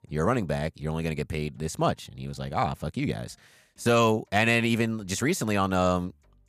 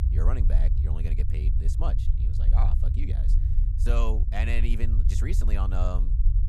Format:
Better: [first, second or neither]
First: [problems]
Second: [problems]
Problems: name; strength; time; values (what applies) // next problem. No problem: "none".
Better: first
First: none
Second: low rumble; loud; throughout; 7 dB below the speech